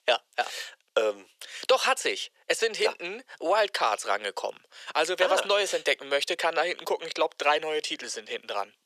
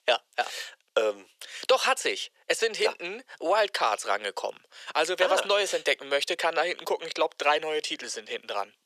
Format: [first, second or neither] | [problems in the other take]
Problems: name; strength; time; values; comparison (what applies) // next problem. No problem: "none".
neither | thin; very; fading below 450 Hz; the same in both